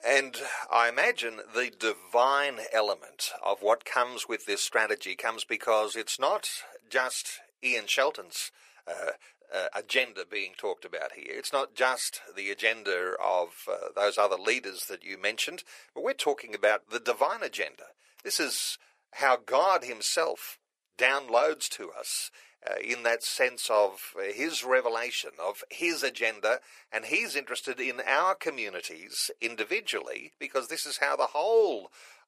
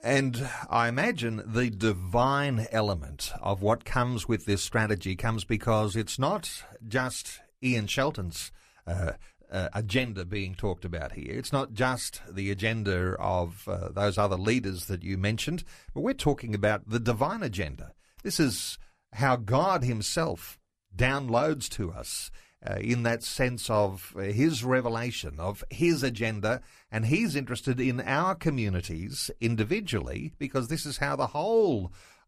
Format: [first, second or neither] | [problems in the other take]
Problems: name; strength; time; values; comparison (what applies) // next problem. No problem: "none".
second | thin; very; fading below 450 Hz